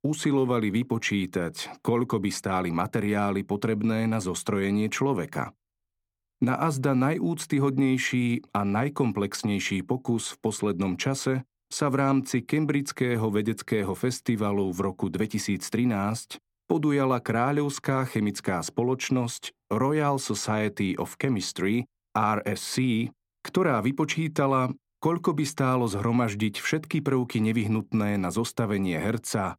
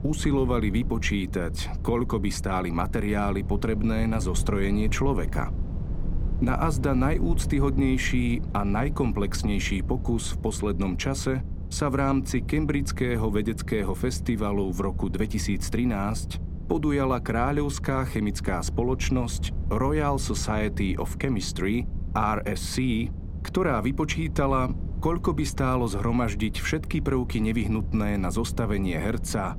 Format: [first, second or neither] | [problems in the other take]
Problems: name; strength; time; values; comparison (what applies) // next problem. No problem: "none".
first | low rumble; noticeable; throughout; 15 dB below the speech